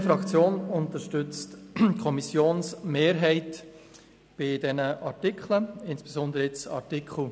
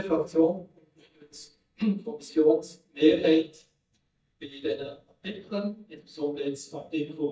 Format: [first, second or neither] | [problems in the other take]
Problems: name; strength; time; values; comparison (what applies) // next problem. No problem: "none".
first | noise reduction (neural mask model DeepFilterNet 3)